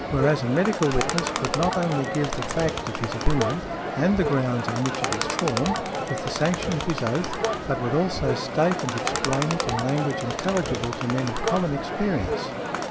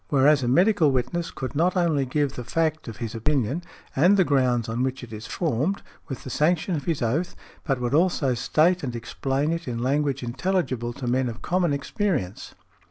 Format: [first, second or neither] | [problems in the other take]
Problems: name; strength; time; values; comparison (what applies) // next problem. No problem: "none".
second | background sound (Crowd); 2 dB below the speech